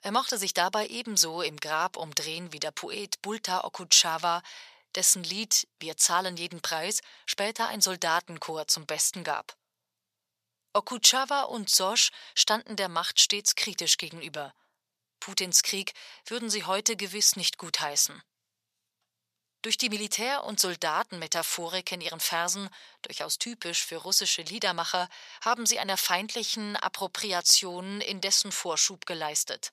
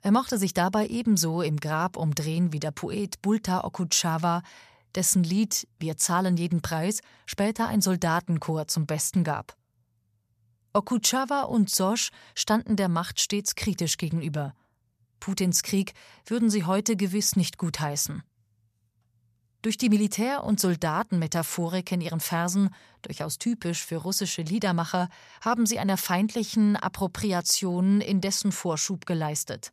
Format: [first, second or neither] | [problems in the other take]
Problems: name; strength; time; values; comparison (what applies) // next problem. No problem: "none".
second | thin; very; fading below 500 Hz